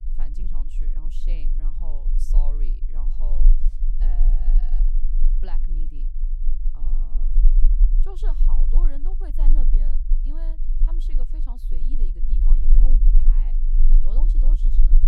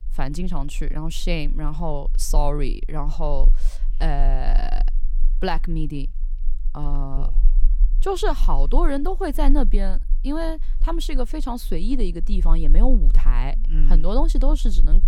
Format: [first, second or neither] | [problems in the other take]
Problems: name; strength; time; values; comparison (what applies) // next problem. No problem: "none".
second | low rumble; loud; throughout; 3 dB below the speech; faint in the second